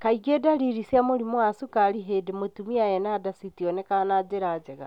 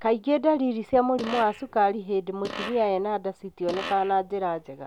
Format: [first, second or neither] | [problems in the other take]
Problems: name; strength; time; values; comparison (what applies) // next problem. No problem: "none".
first | background sound (Fart); 14 dB below the speech